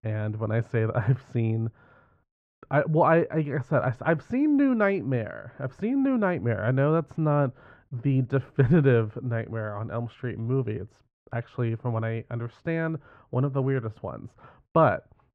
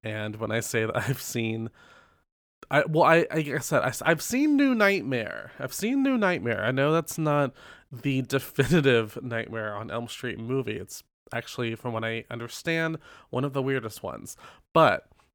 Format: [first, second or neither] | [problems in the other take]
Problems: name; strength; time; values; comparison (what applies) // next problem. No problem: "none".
second | muffled; very; fading above 1.5 kHz